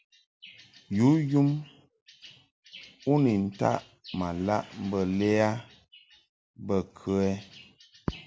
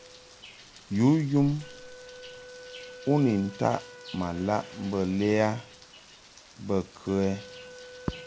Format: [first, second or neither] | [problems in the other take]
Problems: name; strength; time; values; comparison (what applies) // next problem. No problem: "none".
first | background sound (Wind instrument, woodwind instrument + Rain); 18 dB below the speech